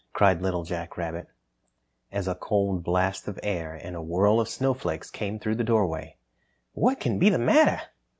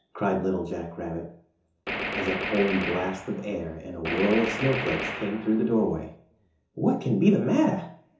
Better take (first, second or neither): first